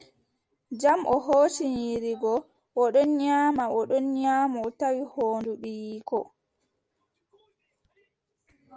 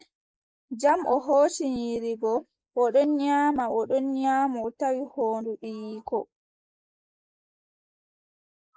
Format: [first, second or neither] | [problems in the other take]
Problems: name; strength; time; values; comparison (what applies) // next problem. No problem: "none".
first | noise reduction (neural mask model Resemble Enhance denoiser)